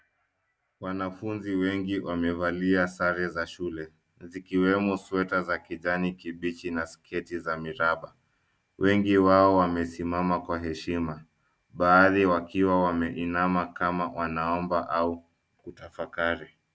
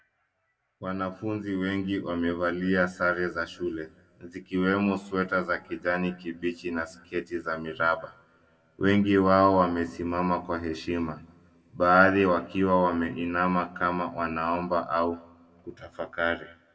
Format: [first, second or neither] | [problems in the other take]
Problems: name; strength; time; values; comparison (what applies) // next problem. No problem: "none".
first | room echo; dies away in 1.5 s